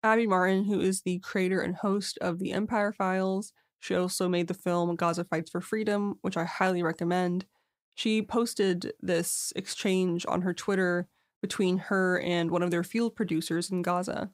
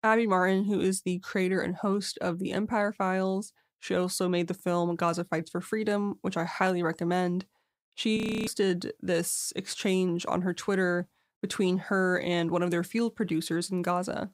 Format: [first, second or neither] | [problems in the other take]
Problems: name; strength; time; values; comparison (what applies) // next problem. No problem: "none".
first | audio freezing; at 8 s